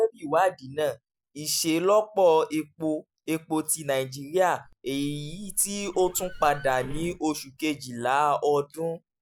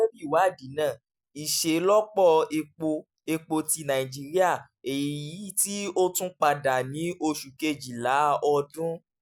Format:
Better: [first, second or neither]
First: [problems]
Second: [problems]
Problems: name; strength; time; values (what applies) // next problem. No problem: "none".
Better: second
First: background sound (Livestock, farm animals, working animals + Wind); 15 dB below the speech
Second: none